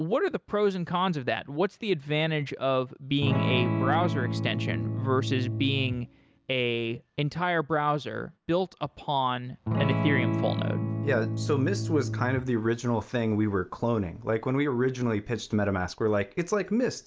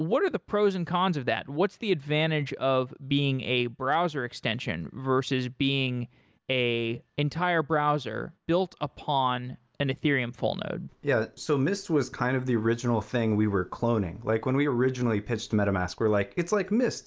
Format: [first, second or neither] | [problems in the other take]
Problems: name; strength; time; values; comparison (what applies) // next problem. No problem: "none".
second | background sound (Electric guitar / Strum); 1 dB below the speech